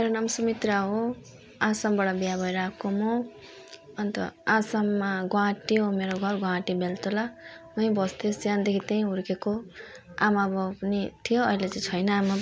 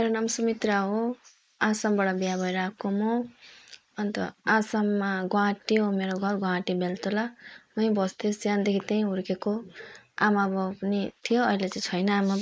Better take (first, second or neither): first